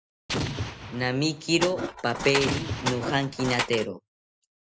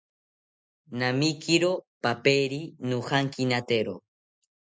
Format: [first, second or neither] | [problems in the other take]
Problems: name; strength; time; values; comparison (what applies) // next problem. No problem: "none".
second | background sound (Explosion + Tools); 3 dB below the speech